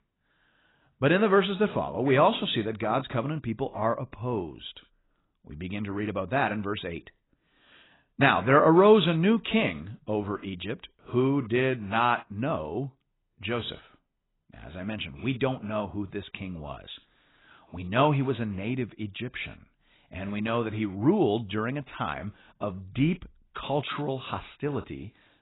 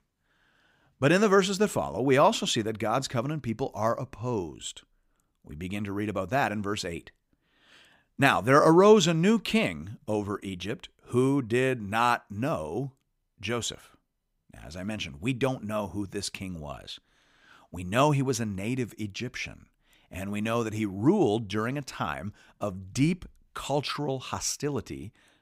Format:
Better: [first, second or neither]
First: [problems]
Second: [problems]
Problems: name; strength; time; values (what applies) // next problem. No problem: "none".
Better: second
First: garbled, watery; badly; nothing above 4 kHz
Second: none